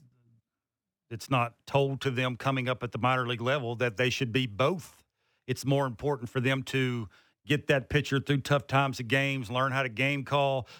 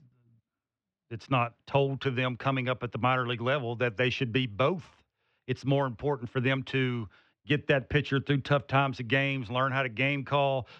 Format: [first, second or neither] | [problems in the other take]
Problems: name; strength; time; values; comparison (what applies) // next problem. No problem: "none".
first | muffled; slightly; fading above 4 kHz